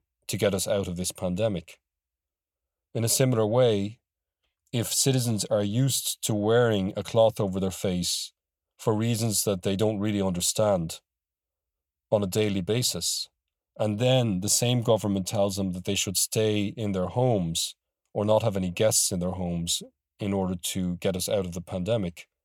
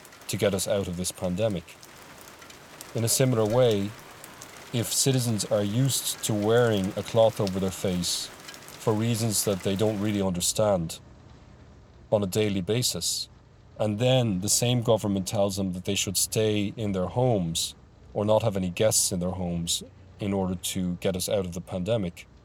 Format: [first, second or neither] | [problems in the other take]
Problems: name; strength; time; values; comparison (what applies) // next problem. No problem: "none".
first | rain or running water; faint; throughout; 20 dB below the speech